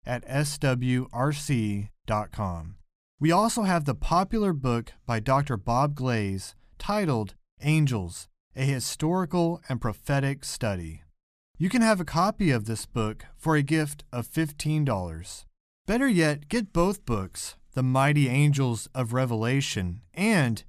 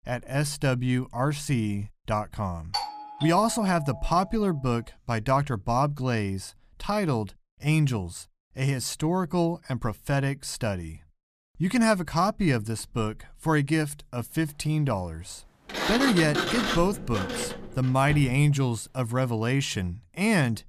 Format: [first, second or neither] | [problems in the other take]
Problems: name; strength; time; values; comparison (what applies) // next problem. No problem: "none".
first | doorbell; noticeable; from 2.5 to 4 s; peak 4 dB below the speech // door banging; loud; from 16 to 18 s; peak 1 dB above the speech